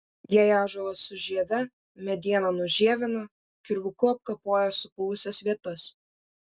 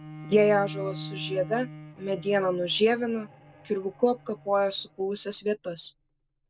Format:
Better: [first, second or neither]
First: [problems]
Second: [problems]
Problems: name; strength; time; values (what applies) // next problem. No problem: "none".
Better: first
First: none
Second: background sound (Bowed string instrument); 15 dB below the speech